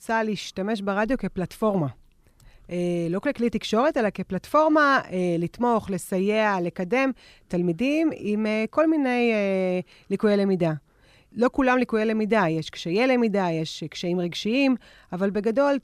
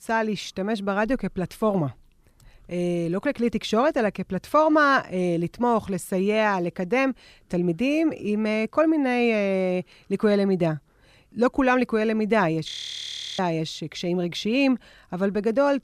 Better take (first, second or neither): first